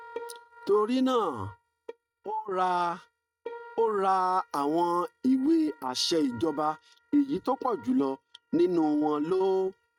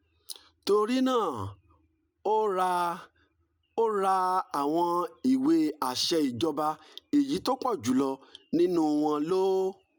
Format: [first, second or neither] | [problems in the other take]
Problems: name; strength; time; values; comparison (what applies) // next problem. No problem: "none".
second | noise reduction (neural mask model RNNoise)